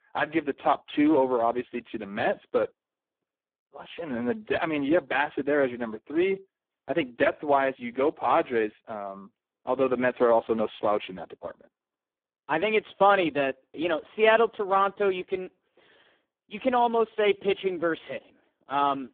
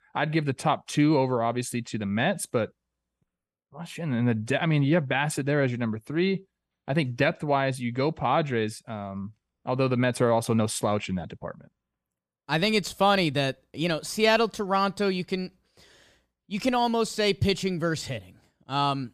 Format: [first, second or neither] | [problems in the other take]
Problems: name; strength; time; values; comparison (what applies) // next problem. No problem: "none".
second | phone-call audio; poor line